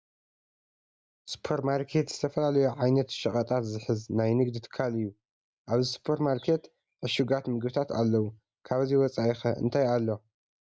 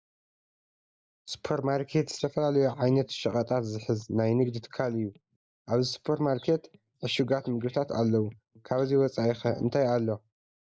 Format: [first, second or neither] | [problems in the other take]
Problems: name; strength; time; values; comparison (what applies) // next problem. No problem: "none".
first | noise reduction (neural mask model Resemble Enhance denoiser)